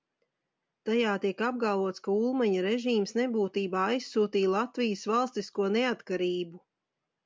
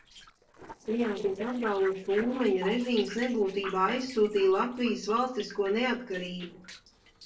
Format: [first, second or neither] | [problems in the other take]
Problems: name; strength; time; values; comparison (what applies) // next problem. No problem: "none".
first | noise reduction (neural separator model SepFormer DNS4)